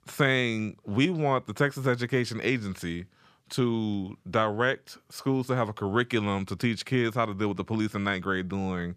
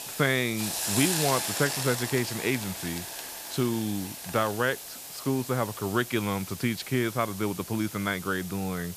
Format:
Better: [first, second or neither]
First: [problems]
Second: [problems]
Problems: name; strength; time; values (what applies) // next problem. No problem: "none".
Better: first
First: none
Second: hiss; loud; throughout; 5 dB below the speech